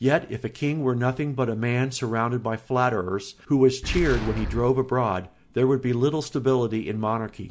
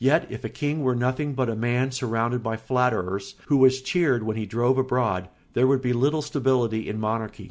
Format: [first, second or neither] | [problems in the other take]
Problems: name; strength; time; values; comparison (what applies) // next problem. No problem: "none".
second | background sound (Boom); 10 dB below the speech